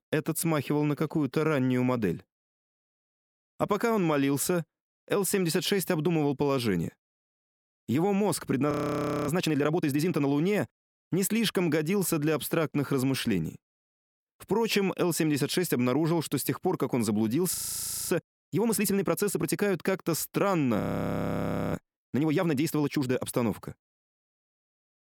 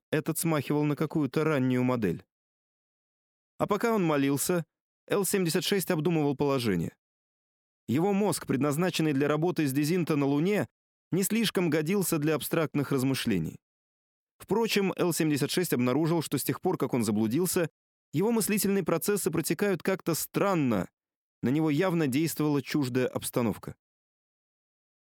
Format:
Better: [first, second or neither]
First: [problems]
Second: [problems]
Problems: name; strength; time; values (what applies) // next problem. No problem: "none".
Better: second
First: audio freezing; at 8.5 s for 0.5 s, at 18 s for 0.5 s and at 21 s for 1 s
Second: none